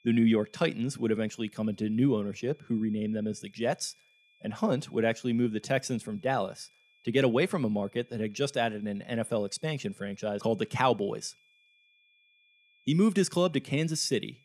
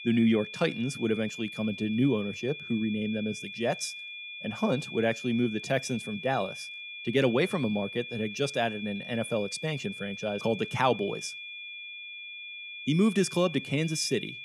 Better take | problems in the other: first | high-pitched whine; loud; throughout; 2.5 kHz, 10 dB below the speech; faint in the first

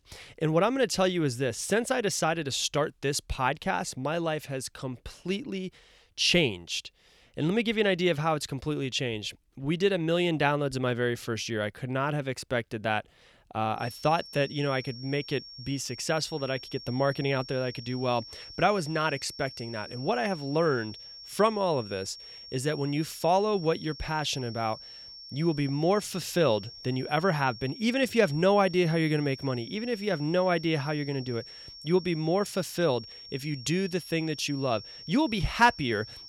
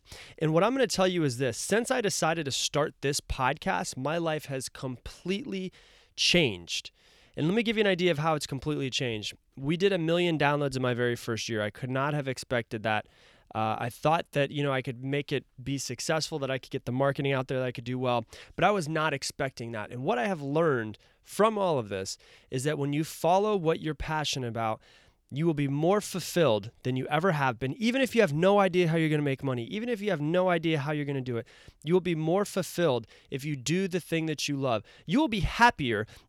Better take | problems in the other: second | high-pitched whine; noticeable; from 14 s on; 5.5 kHz, 15 dB below the speech

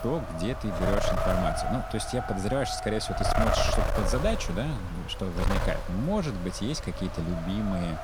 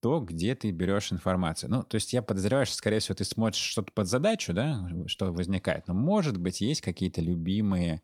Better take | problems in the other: second | wind noise on the microphone; heavy; 2 dB above the speech

